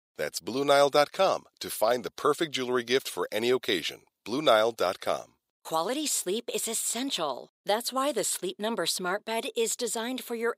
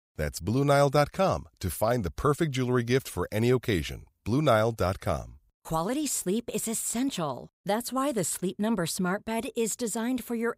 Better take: second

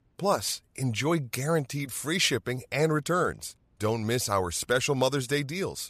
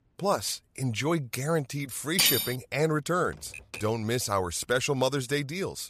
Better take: first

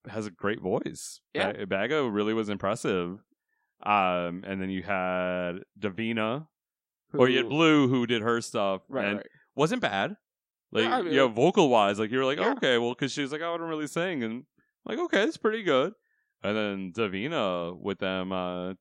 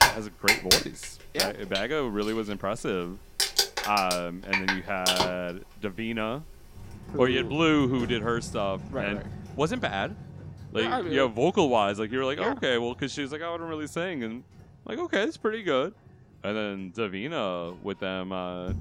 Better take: first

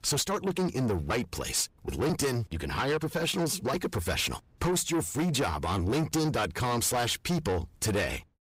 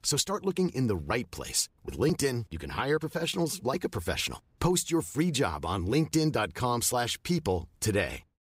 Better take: second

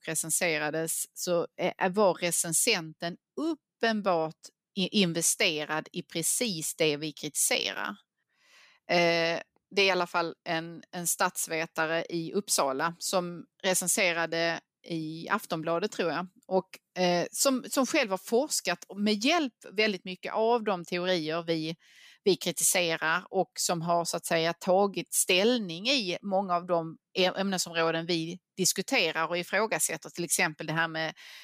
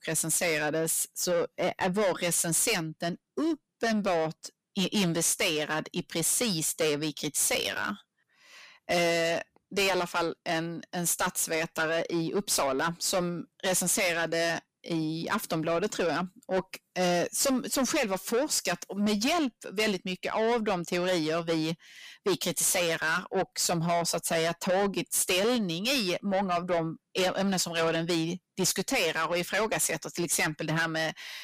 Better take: first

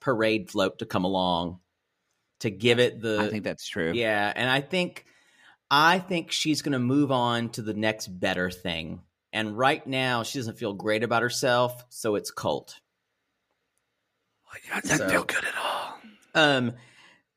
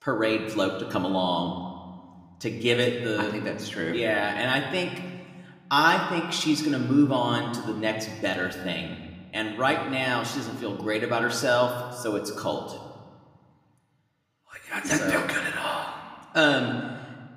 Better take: first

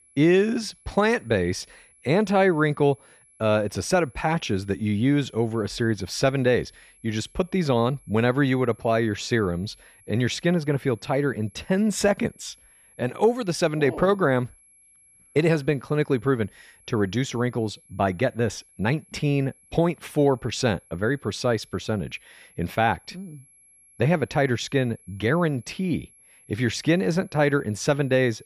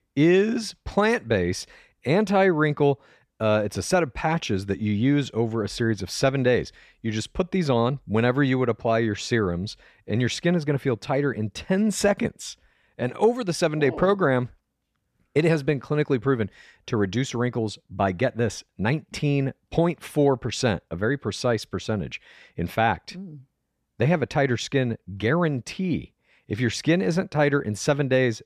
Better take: second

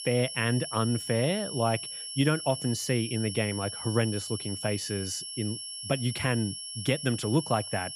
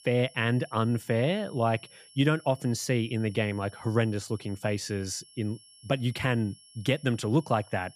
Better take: second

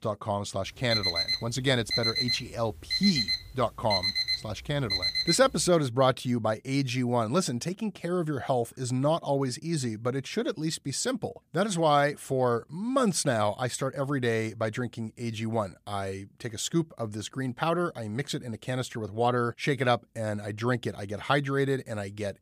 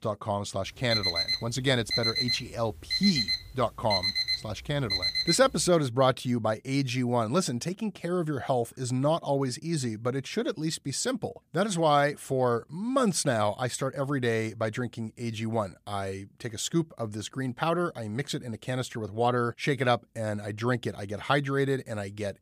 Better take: neither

